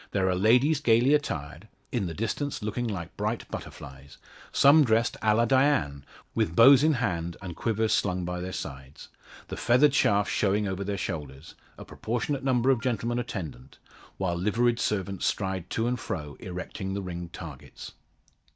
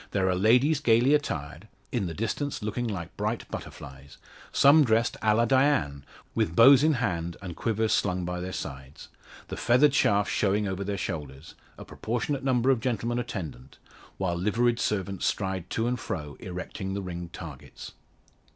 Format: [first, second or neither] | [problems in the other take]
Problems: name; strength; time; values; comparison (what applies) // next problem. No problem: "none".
second | noise reduction (neural mask model DeepFilterNet 3)